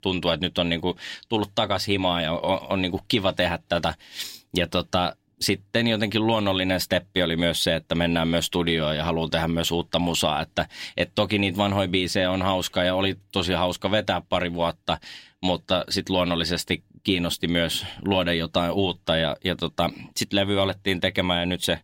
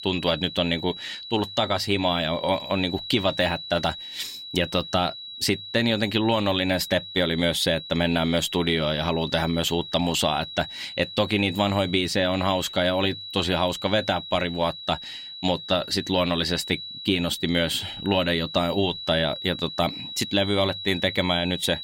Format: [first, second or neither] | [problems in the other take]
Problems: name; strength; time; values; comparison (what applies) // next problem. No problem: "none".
first | high-pitched whine; noticeable; throughout; 4 kHz, 10 dB below the speech